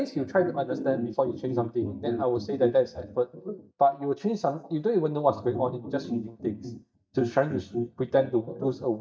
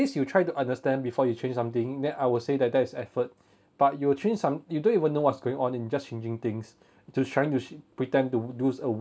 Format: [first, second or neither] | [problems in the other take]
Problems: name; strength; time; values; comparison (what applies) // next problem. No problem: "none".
second | noise reduction (neural mask model DeepFilterNet 3)